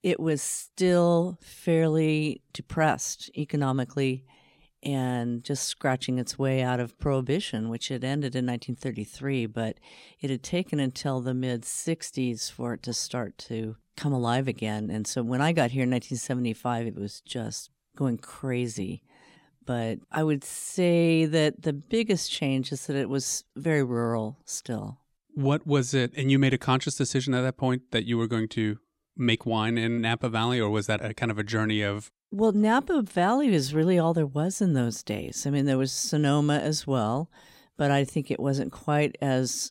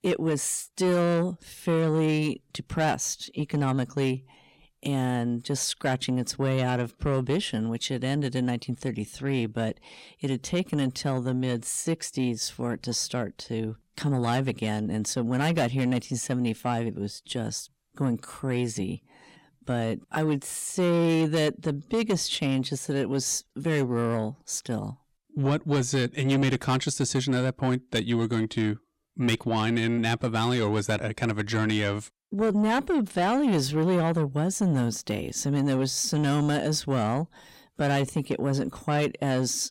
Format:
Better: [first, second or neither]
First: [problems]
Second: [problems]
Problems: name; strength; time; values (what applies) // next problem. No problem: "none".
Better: first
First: none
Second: distortion; slight; 10 dB below the speech